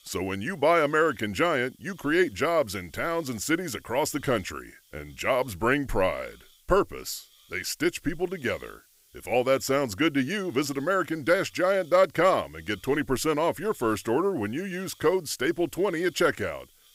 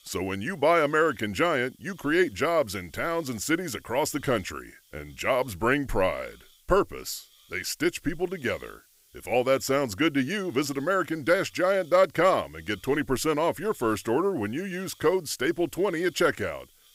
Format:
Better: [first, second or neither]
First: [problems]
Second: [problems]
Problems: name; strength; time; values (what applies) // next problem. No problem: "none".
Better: neither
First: hiss; faint; throughout; 30 dB below the speech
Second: hiss; faint; throughout; 30 dB below the speech